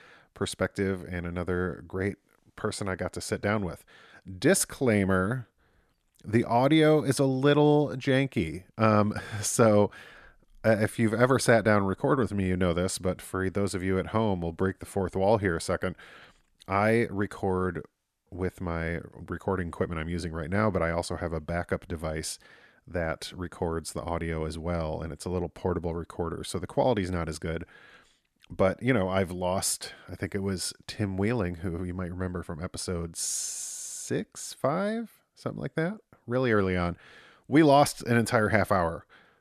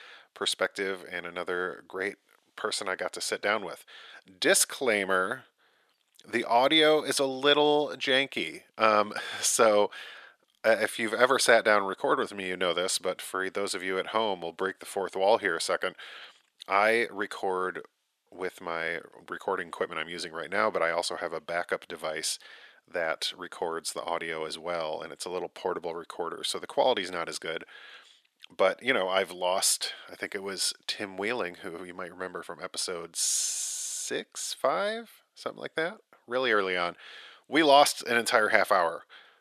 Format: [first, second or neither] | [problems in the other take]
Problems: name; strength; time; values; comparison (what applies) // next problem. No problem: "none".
first | thin; somewhat; fading below 500 Hz